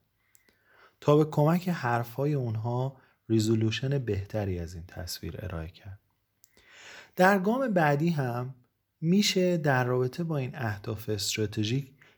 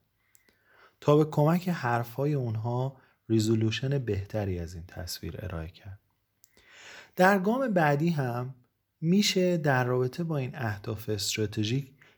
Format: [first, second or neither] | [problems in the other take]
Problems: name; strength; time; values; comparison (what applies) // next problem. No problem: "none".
neither | none